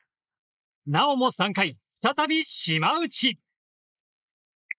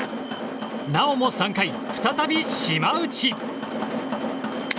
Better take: second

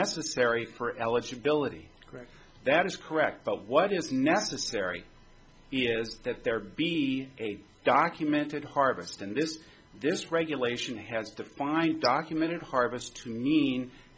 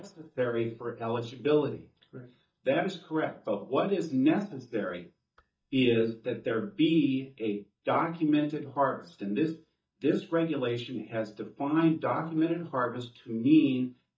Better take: first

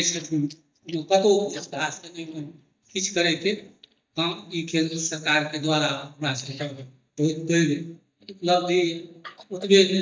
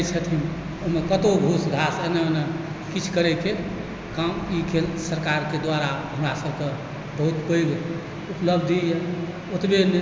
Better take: second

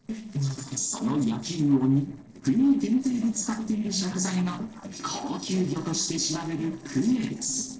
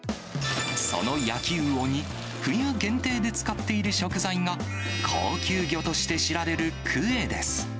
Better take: second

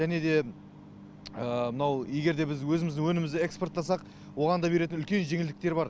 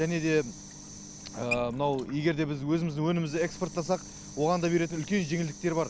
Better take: first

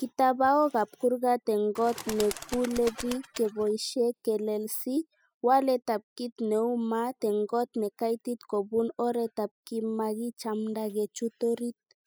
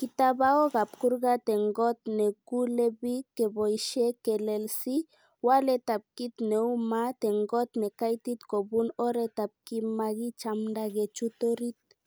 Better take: second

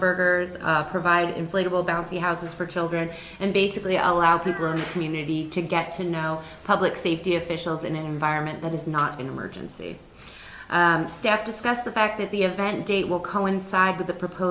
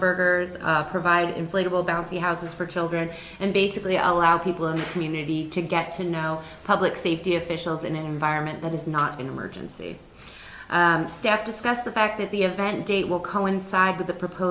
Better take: second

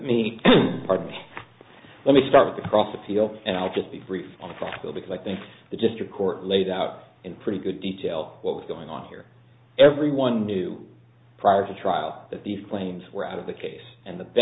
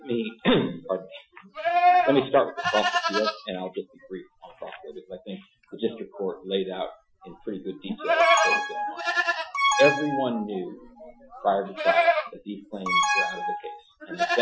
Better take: first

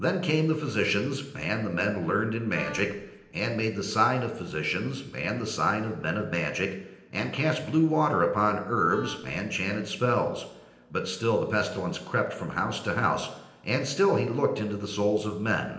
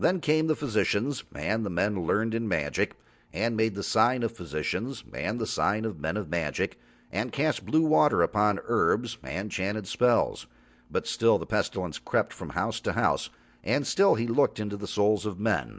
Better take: second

